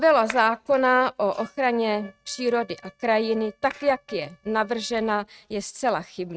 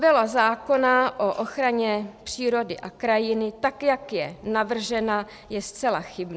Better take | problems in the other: second | noise reduction (neural mask model RNNoise)

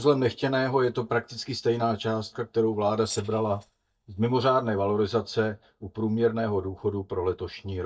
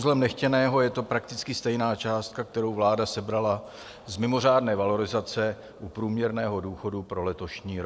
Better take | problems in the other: second | noise reduction (neural mask model DeepFilterNet 3)

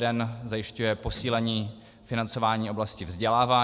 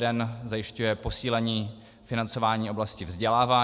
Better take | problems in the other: second | background sound (Electric guitar); 19 dB below the speech

